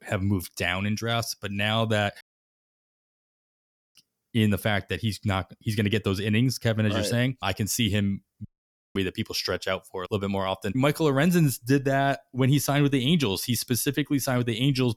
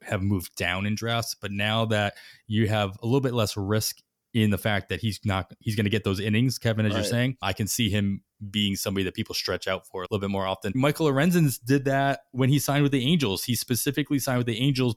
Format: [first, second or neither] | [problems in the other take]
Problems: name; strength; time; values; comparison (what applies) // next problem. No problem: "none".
second | audio cutting out; at 2 s for 1.5 s and at 8.5 s for 0.5 s